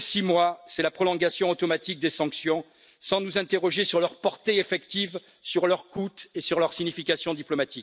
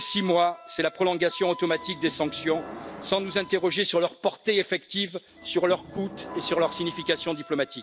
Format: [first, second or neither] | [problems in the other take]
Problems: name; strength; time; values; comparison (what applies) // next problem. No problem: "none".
first | background sound (Subway, metro, underground / Sliding door + Wind instrument, woodwind instrument); 16 dB below the speech